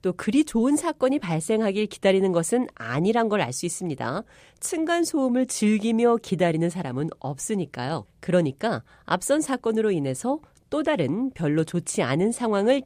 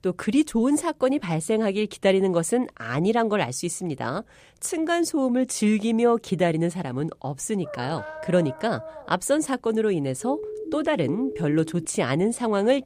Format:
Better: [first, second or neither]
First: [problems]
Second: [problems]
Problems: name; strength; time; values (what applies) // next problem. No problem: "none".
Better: first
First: none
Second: dog barking; faint; from 7.5 to 9 s; peak 10 dB below the speech // siren; noticeable; from 10 to 12 s; peak 9 dB below the speech